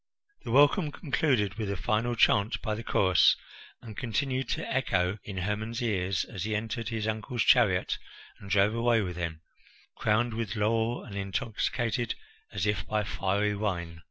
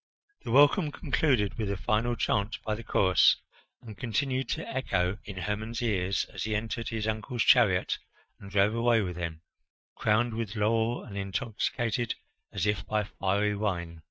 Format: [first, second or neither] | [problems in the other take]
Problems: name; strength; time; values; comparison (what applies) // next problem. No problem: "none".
first | noise reduction (neural mask model RNNoise)